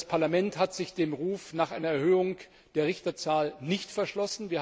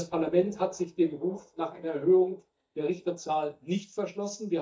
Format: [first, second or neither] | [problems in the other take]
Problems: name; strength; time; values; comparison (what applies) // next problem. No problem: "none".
first | noise reduction (neural mask model DeepFilterNet 3)